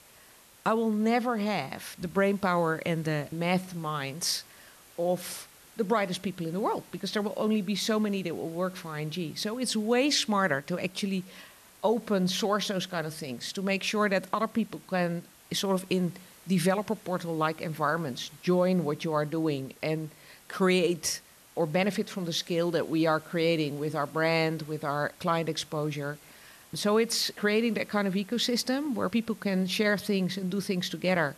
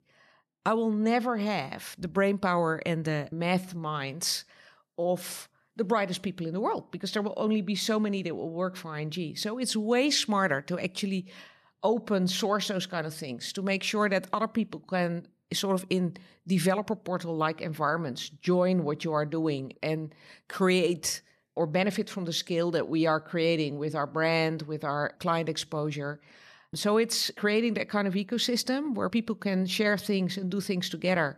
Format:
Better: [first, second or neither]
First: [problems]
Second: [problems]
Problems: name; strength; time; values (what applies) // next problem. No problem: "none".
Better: second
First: hiss; faint; throughout; 25 dB below the speech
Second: none